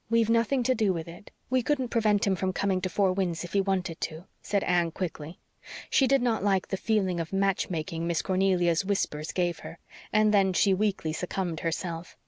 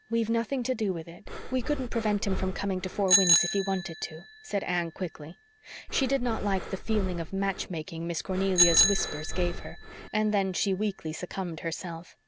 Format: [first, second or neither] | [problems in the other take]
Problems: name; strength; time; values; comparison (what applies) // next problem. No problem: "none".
first | background sound (Breathing + Bicycle bell); 2 dB below the speech